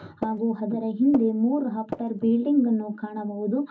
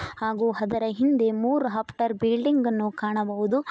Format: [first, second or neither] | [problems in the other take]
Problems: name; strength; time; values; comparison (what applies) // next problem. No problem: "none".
second | background sound (Tap); 12 dB below the speech // room echo; dies away in 0.4 s